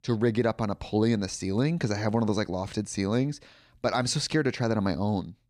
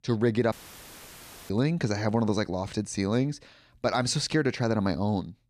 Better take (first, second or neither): first